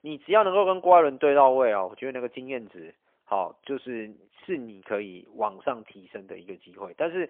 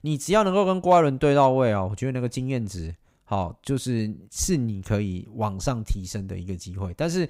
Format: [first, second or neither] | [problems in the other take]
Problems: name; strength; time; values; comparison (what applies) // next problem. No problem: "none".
second | phone-call audio; poor line; nothing above 3 kHz